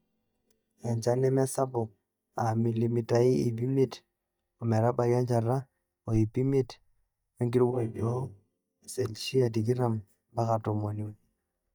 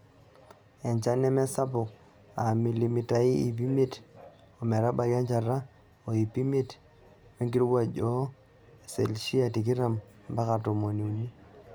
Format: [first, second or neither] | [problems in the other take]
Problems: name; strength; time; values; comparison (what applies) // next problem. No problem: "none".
second | noise reduction (neural mask model DeepFilterNet 3)